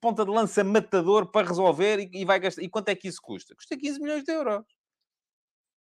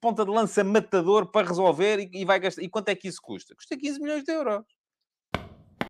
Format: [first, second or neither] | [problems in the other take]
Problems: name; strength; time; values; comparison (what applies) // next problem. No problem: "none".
first | footsteps; faint; at 5.5 s; peak 10 dB below the speech